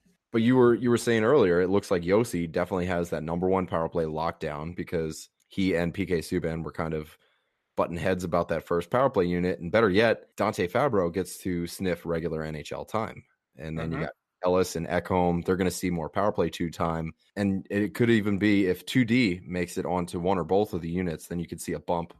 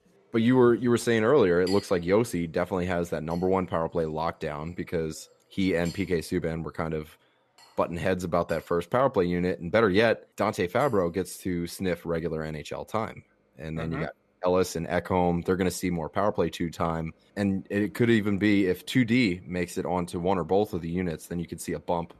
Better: first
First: none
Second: household noises; faint; throughout; 25 dB below the speech

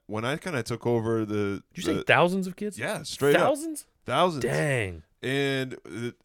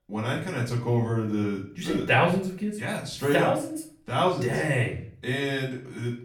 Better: first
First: none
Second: off-mic speech; far // room echo; slight; dies away in 0.4 s

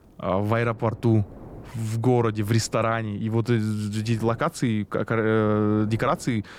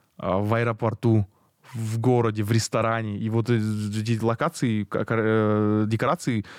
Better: second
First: wind noise on the microphone; occasional gusts; 25 dB below the speech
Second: none

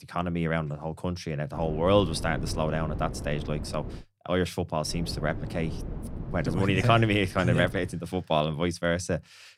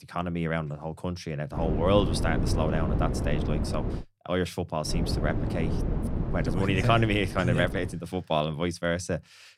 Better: first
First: wind noise on the microphone; occasional gusts; from 1.5 to 4 s and from 5 to 8 s; 15 dB below the speech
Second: wind noise on the microphone; heavy; from 1.5 to 4 s and from 5 to 8 s; 8 dB below the speech

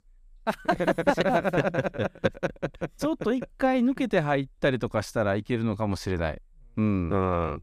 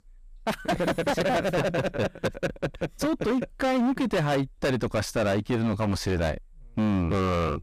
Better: first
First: none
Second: distortion; heavy; 20% of the sound clipped

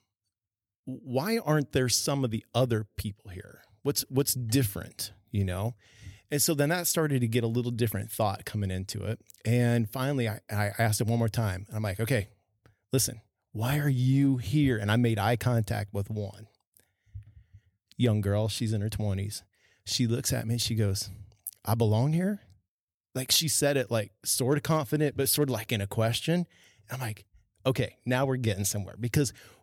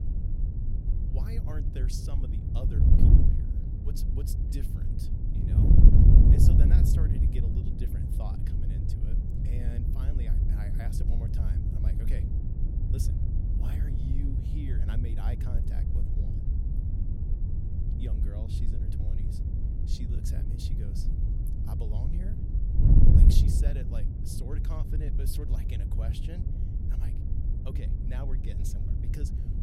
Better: first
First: none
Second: wind noise on the microphone; heavy; 5 dB above the speech

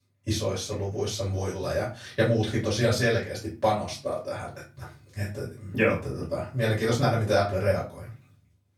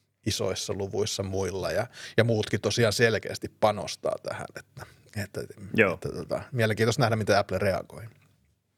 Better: second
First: off-mic speech; far // room echo; slight; dies away in 0.3 s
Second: none

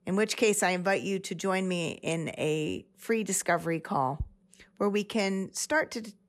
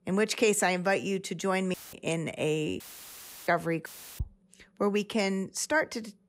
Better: first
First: none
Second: audio cutting out; filled with static; at 1.5 s, at 3 s for 0.5 s and at 4 s

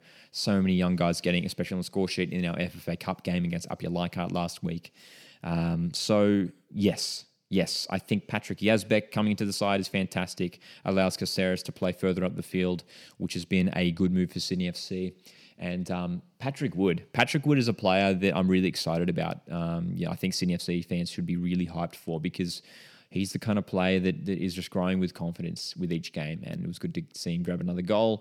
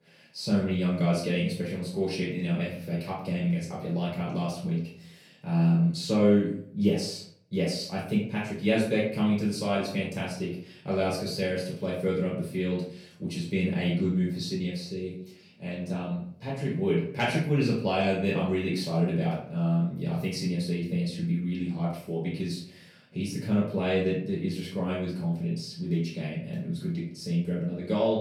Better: first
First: none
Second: off-mic speech; far // room echo; noticeable; dies away in 0.5 s

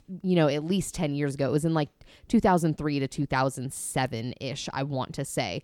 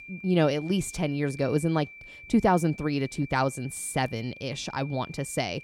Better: first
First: none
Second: high-pitched whine; noticeable; throughout; 2.5 kHz, 15 dB below the speech

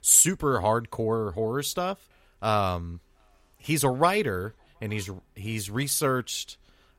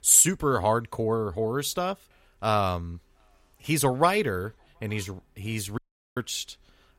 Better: first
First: none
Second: audio cutting out; at 6 s

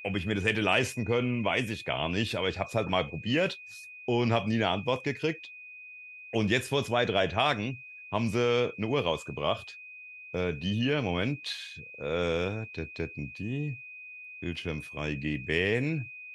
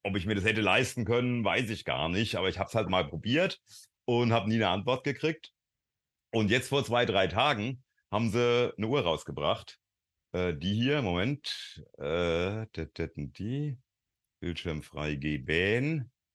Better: second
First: high-pitched whine; noticeable; throughout; 2.5 kHz, 15 dB below the speech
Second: none

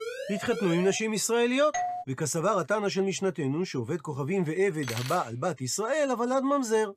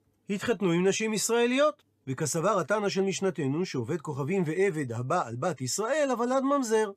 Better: second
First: siren; noticeable; at the start; peak 8 dB below the speech // doorbell; noticeable; at 1.5 s; peak 4 dB below the speech // clattering dishes; noticeable; at 5 s; peak 8 dB below the speech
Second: none

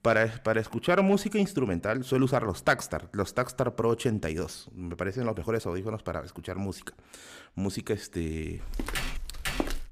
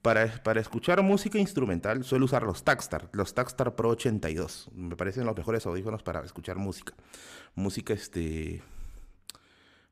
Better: second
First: footsteps; noticeable; from 8.5 s on; peak 3 dB below the speech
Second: none

